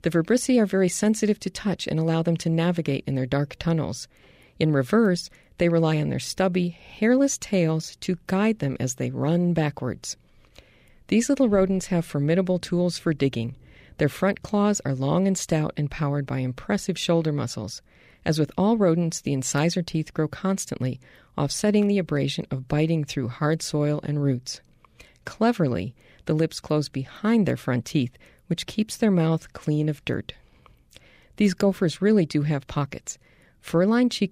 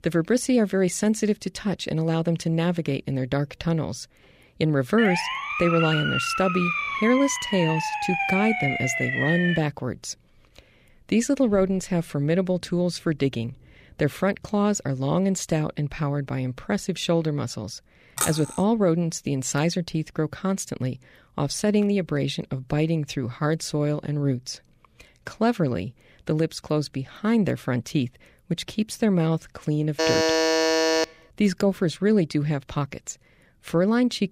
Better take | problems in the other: first | siren; loud; from 5 to 9.5 s; peak 1 dB above the speech // clattering dishes; noticeable; at 18 s; peak 2 dB below the speech // alarm; loud; from 30 to 31 s; peak 4 dB above the speech

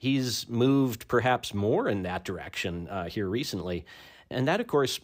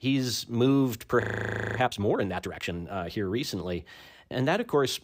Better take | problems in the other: first | audio freezing; at 1 s for 0.5 s

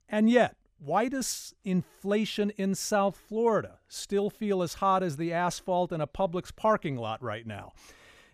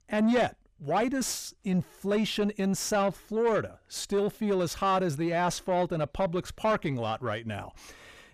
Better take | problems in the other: first | distortion; slight; 10 dB below the speech

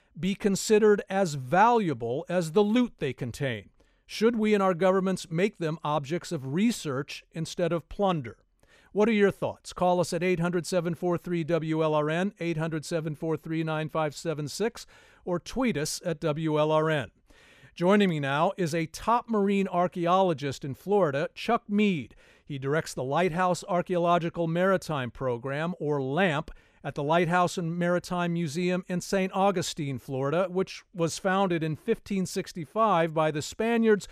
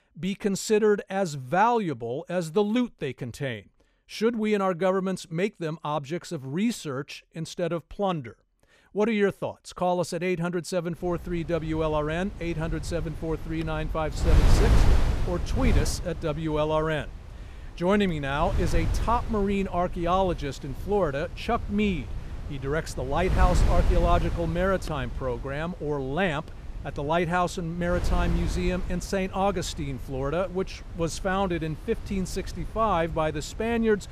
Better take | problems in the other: first | wind noise on the microphone; occasional gusts; from 11 s on; 10 dB below the speech

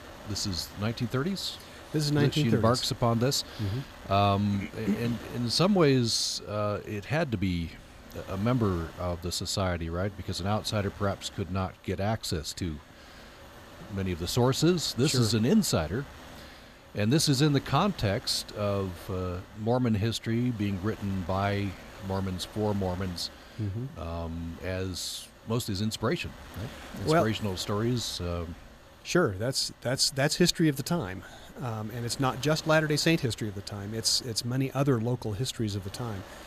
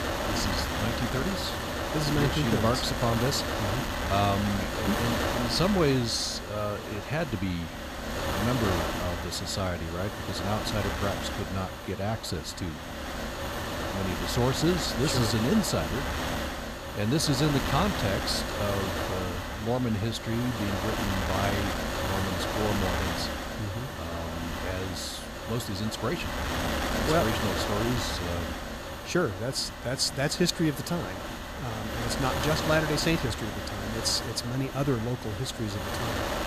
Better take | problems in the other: first | wind noise on the microphone; heavy; as loud as the speech; occasional gusts in the first

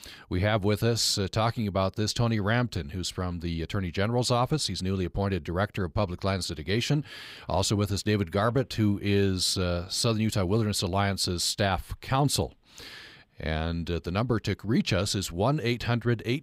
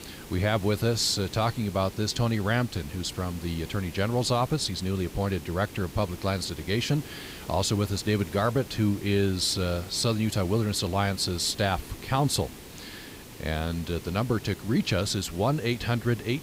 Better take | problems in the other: first | hiss; noticeable; throughout; 15 dB below the speech

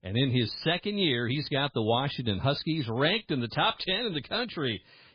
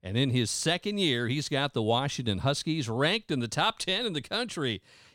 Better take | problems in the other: second | garbled, watery; badly

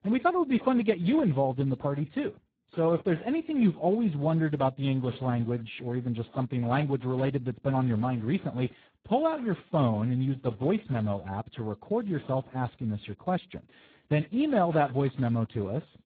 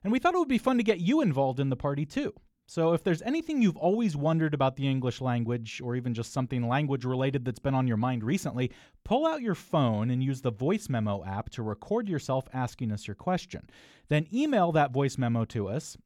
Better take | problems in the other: second | garbled, watery; badly

